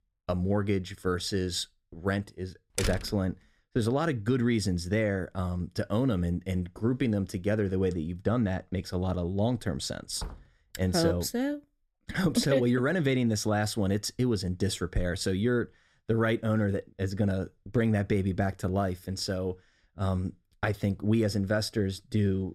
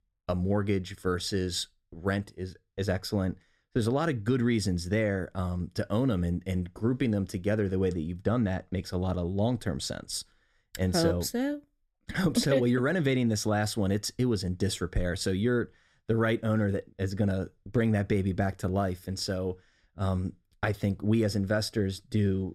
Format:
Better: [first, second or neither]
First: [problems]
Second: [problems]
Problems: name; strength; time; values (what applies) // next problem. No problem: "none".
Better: second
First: door banging; noticeable; at 3 s; peak 4 dB below the speech // door banging; faint; at 10 s; peak 15 dB below the speech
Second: none